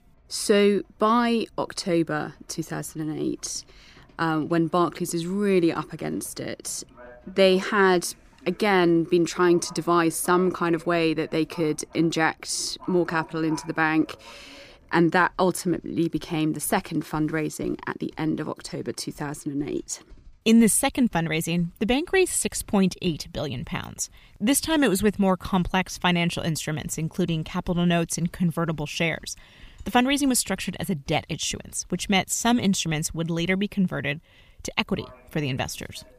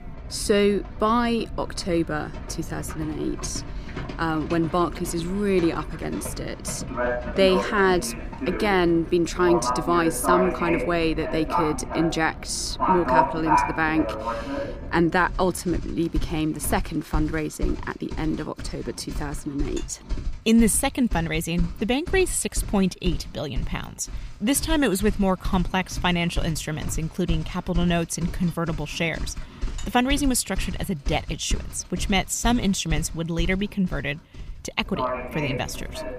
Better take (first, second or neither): first